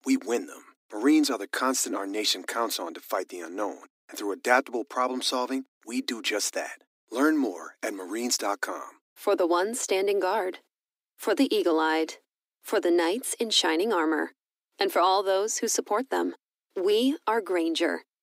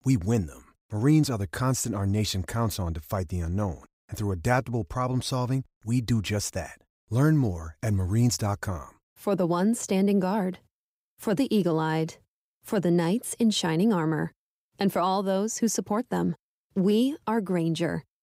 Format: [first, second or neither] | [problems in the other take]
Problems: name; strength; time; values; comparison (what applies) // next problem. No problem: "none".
second | thin; somewhat; fading below 250 Hz